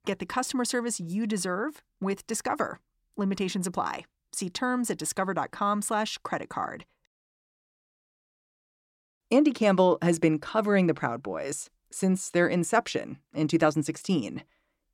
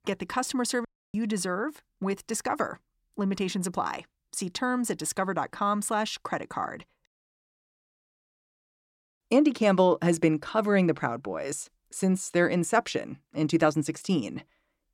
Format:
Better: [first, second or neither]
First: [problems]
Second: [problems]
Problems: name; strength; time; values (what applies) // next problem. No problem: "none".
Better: first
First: none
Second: audio cutting out; at 1 s